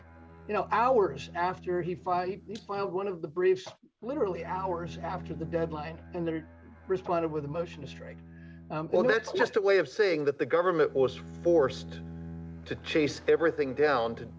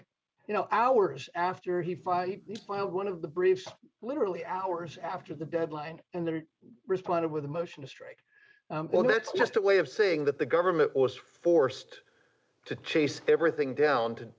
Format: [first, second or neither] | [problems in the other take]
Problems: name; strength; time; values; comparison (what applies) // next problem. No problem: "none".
second | background sound (Bowed string instrument); 17 dB below the speech